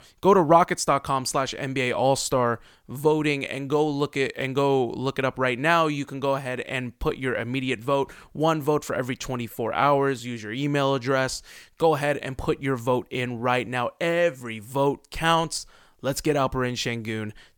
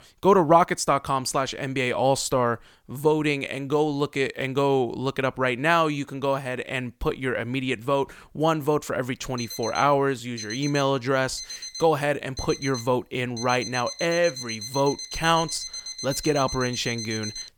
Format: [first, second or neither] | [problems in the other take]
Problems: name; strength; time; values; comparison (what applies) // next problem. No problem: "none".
first | alarm; noticeable; from 9.5 s on; peak 8 dB below the speech